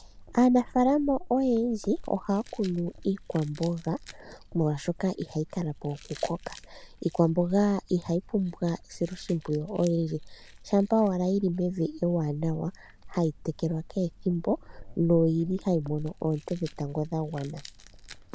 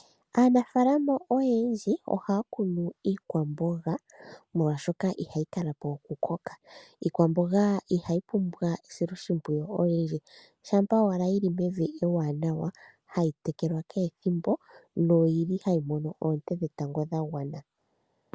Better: second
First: background sound (Chewing, mastication); 17 dB below the speech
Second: none

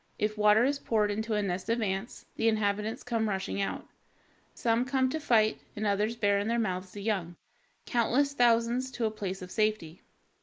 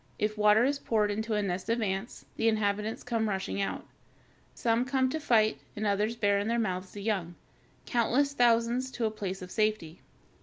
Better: second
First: noise reduction (neural mask model Resemble Enhance denoiser)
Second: none

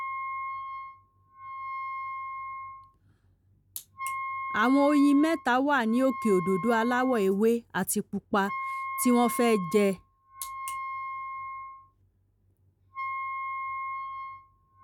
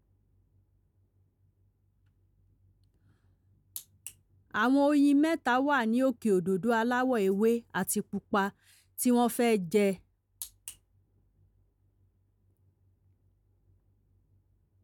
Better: second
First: background sound (Wind instrument, woodwind instrument); 8 dB below the speech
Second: none

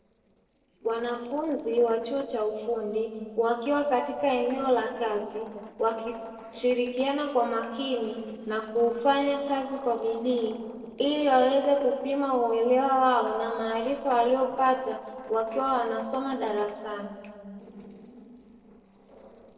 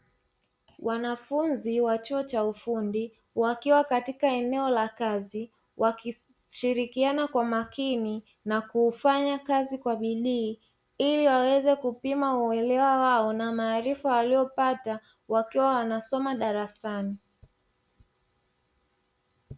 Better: second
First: noise reduction (neural separator model SepFormer DNS4)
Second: none

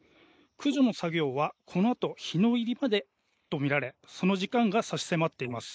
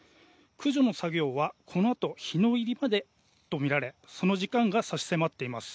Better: second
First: noise reduction (neural mask model Resemble Enhance denoiser)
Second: none

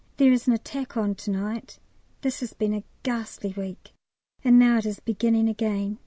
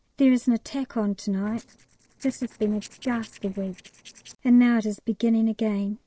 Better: first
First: none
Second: noise reduction (neural separator model SepFormer DNS4)

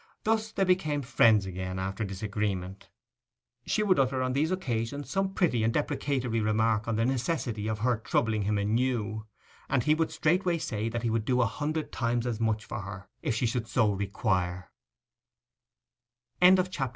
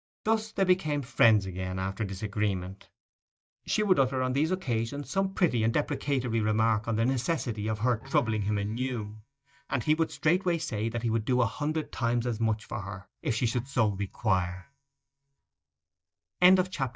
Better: first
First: none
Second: noise reduction (neural mask model DeepFilterNet 3)

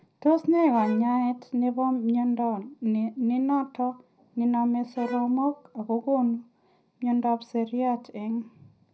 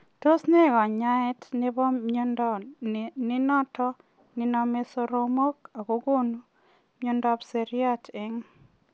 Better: second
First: background sound (Bowed string instrument); 19 dB below the speech // room echo; dies away in 0.4 s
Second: none

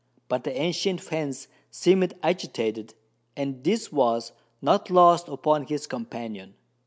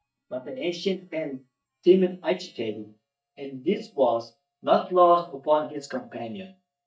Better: first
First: none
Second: noise reduction (neural mask model DeepFilterNet 3)

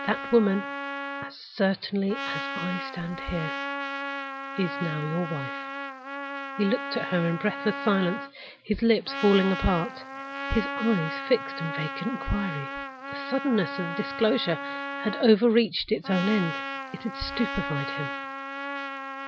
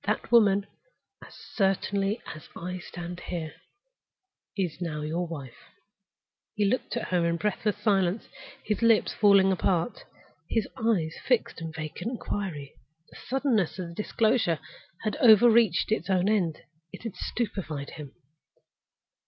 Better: second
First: background sound (Trumpet); 7 dB below the speech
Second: none

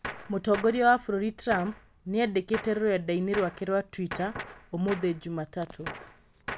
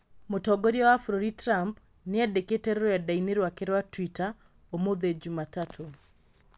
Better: second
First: background sound (Gunshot, gunfire); 13 dB below the speech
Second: none

